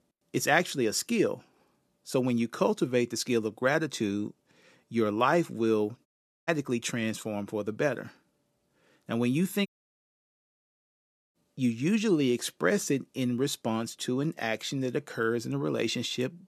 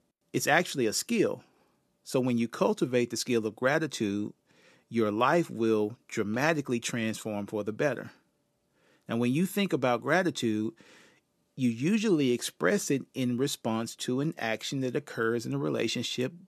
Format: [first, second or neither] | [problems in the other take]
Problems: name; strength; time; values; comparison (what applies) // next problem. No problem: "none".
second | audio cutting out; at 6 s and at 9.5 s for 1.5 s